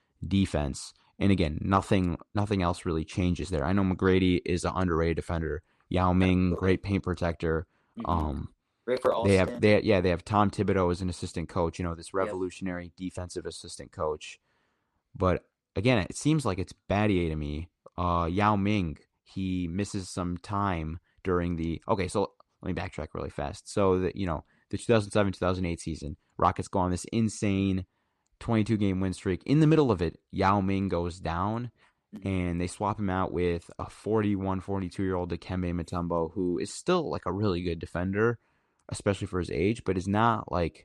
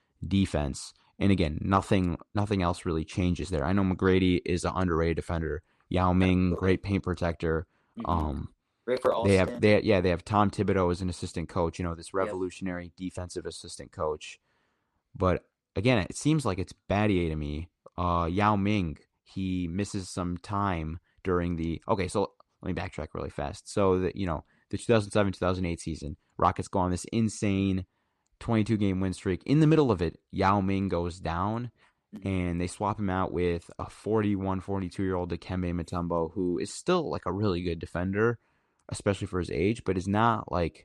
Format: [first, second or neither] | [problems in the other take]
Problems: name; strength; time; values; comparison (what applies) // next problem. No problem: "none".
neither | none